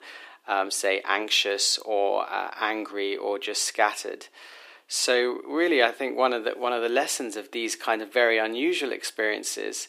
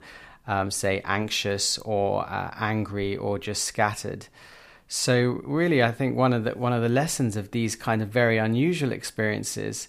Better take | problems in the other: second | thin; very; fading below 300 Hz

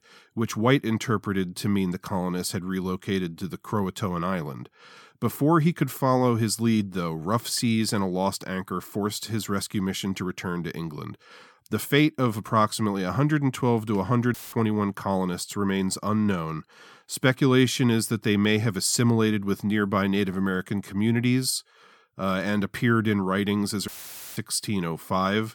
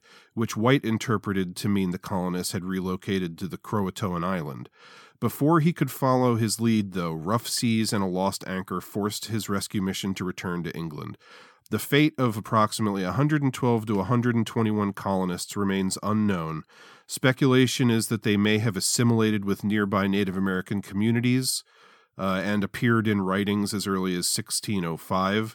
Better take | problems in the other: second | audio cutting out; filled with static; at 14 s and at 24 s

